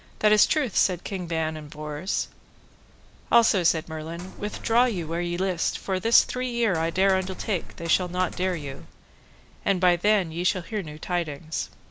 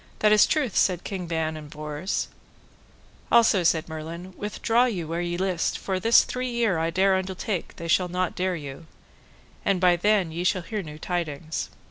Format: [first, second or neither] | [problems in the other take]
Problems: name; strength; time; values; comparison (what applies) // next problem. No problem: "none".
second | background sound (Coin (dropping)); 8 dB below the speech